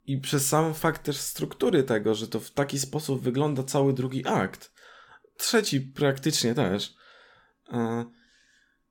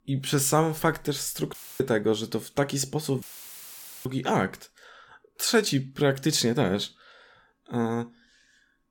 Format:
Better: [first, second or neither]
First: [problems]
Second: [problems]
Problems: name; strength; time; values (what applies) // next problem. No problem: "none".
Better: first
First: none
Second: audio cutting out; filled with static; at 1.5 s and at 3 s for 1 s